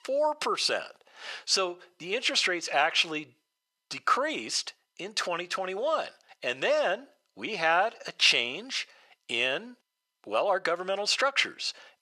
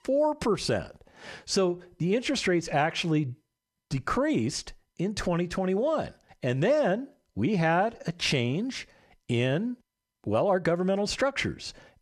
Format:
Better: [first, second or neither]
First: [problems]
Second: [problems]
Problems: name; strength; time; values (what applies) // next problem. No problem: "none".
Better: second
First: thin; very; fading below 600 Hz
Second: none